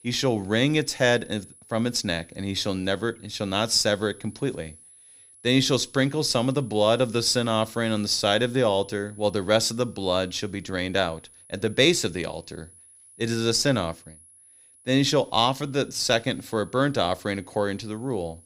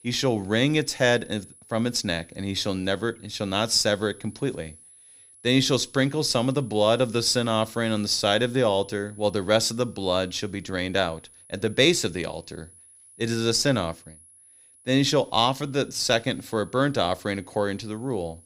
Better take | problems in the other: neither | high-pitched whine; faint; throughout; 10 kHz, 25 dB below the speech; the same in both

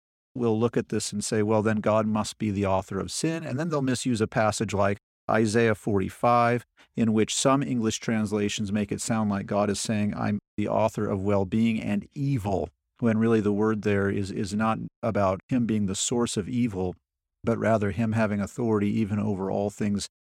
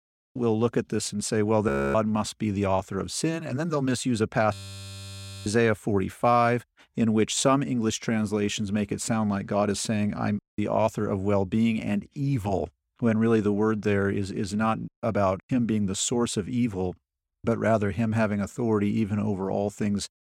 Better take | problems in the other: first | audio freezing; at 1.5 s and at 4.5 s for 1 s

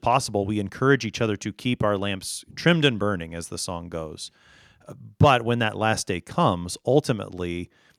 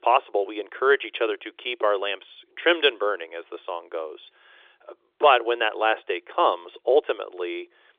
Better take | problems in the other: first | phone-call audio; nothing above 3.5 kHz

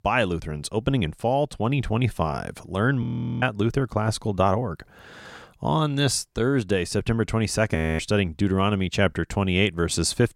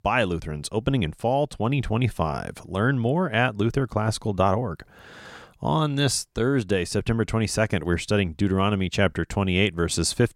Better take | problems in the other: second | audio freezing; at 3 s and at 8 s

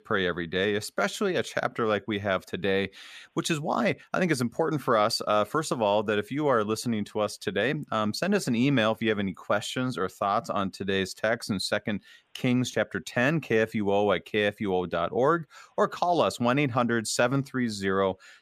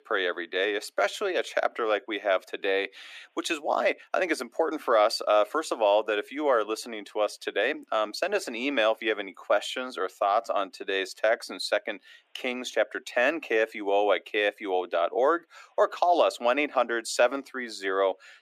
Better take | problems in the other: first | thin; somewhat; fading below 300 Hz

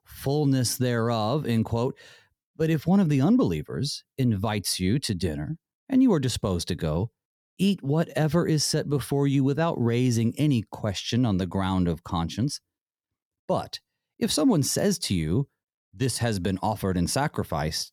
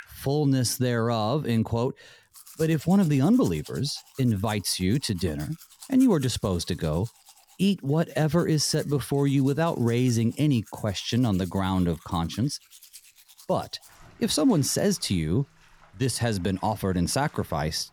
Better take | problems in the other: first | household noises; faint; throughout; 25 dB below the speech

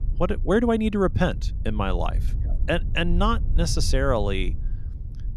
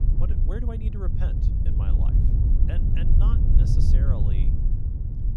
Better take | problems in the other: first | wind noise on the microphone; heavy; 3 dB above the speech; occasional gusts in the first

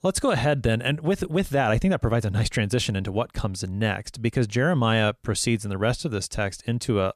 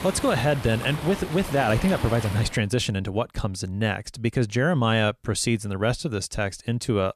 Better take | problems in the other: first | rain or running water; loud; until 2.5 s; 10 dB below the speech

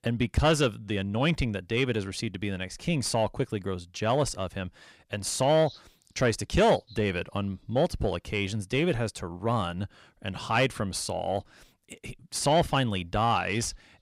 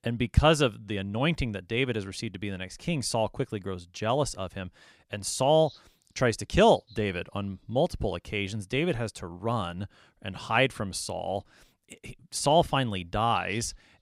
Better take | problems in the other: second | distortion; slight; 10 dB below the speech

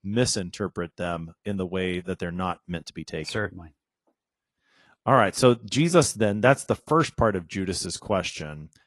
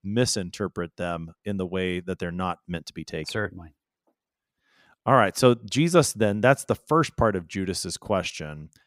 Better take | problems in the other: second | garbled, watery; slightly

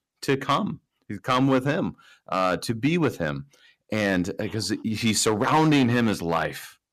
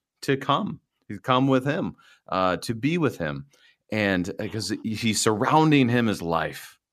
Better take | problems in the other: second | distortion; slight; 4% of the sound clipped

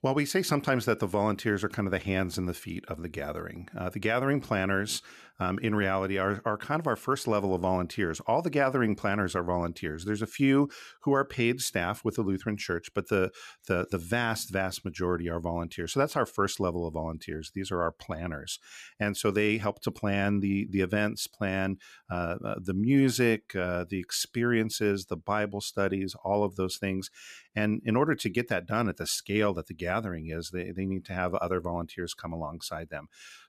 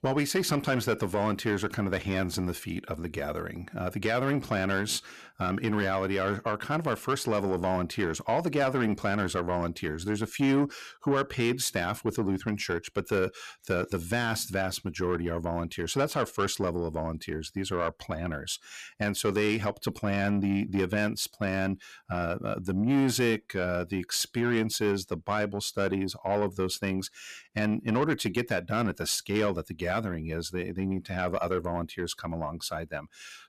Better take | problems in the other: first | distortion; slight; 10 dB below the speech

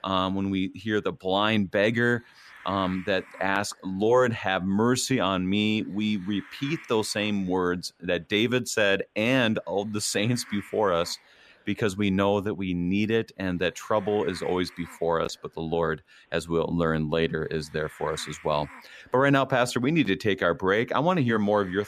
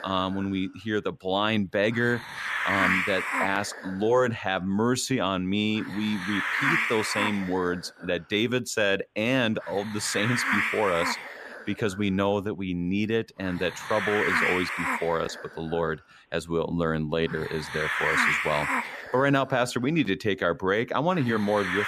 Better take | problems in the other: first | hiss; loud; throughout; as loud as the speech; faint in the first

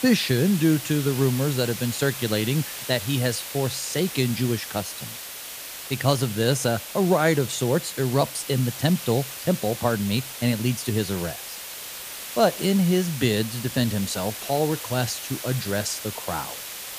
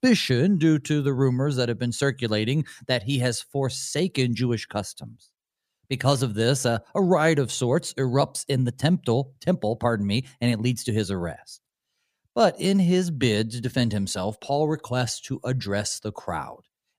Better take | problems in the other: second | hiss; loud; throughout; 9 dB below the speech

